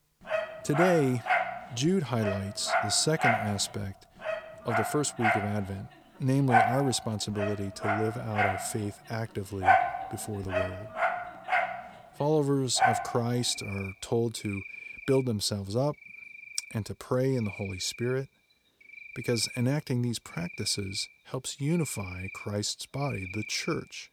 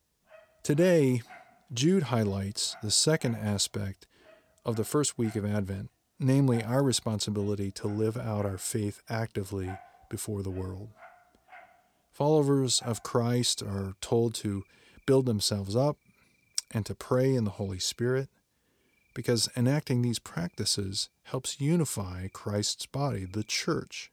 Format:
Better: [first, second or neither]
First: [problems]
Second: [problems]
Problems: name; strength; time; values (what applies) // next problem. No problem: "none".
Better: second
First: animal sounds; loud; throughout; 1 dB below the speech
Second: animal sounds; faint; throughout; 25 dB below the speech